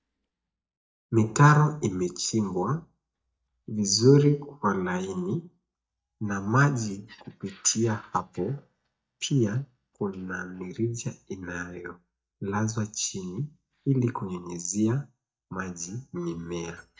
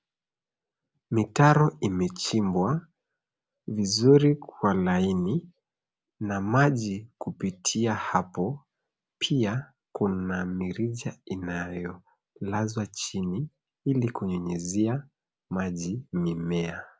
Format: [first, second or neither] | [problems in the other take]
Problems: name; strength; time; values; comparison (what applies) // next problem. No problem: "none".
second | noise reduction (neural mask model DeepFilterNet 3)